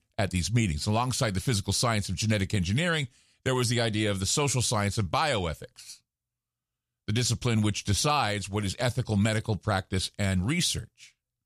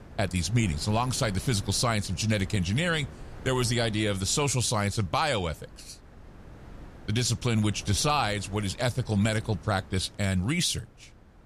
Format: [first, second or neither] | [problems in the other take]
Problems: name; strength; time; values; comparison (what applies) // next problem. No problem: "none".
first | wind noise on the microphone; occasional gusts; 20 dB below the speech